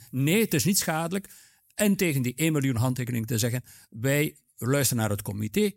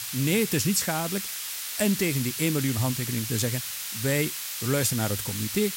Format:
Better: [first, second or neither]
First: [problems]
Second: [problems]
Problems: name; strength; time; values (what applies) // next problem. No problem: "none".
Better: first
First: none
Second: hiss; loud; throughout; 4 dB below the speech